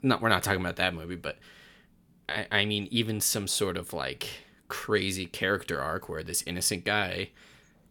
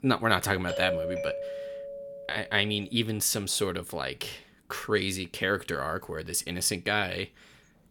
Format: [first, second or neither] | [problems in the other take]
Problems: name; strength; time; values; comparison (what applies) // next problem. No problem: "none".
first | doorbell; noticeable; from 0.5 to 2.5 s; peak 2 dB below the speech